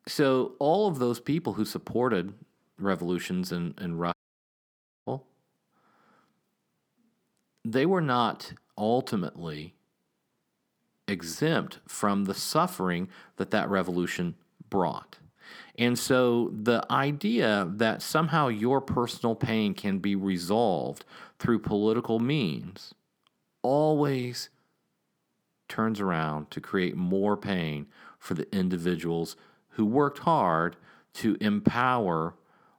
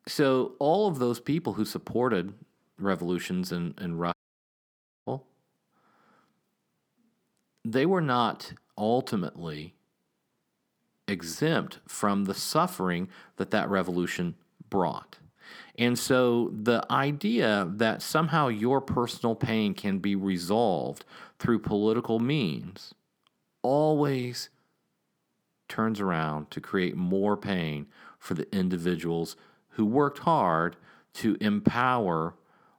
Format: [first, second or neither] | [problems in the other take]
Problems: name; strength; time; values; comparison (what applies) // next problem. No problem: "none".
neither | audio cutting out; at 4 s for 1 s; the same in both